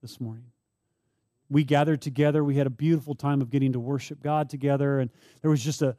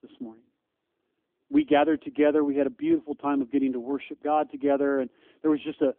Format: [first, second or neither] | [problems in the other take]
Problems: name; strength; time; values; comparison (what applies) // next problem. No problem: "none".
first | phone-call audio; nothing above 3.5 kHz